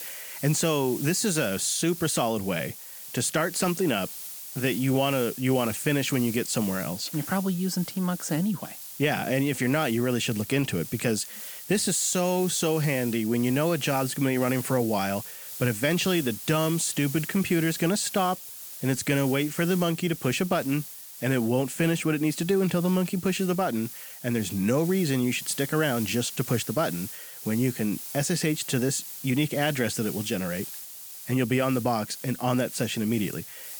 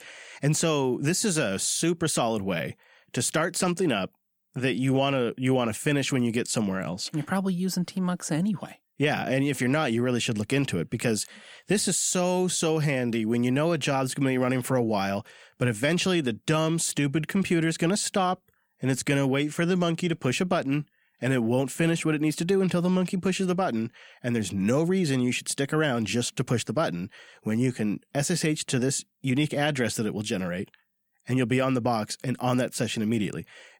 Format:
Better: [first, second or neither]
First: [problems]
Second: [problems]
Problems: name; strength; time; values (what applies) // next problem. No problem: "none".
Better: second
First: hiss; noticeable; throughout; 10 dB below the speech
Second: none